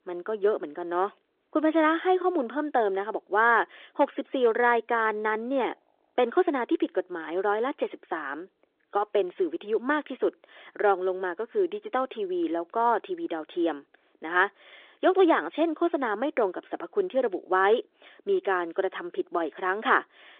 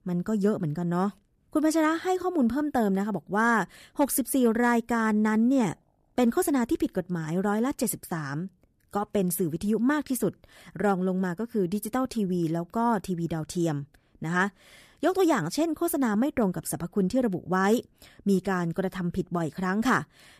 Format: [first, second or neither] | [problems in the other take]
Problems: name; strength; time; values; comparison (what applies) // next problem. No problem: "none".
second | phone-call audio; nothing above 3.5 kHz